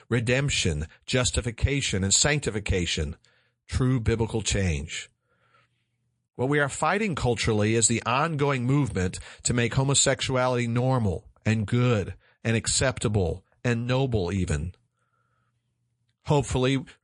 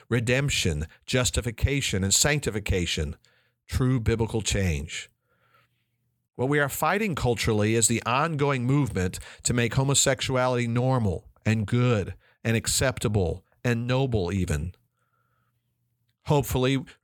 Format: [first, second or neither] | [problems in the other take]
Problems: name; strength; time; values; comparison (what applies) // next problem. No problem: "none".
second | garbled, watery; slightly; nothing above 8.5 kHz